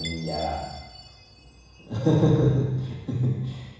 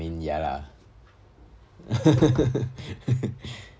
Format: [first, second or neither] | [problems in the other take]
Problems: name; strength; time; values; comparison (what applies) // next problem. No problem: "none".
second | background sound (Chime); 19 dB below the speech // room echo; dies away in 1.1 s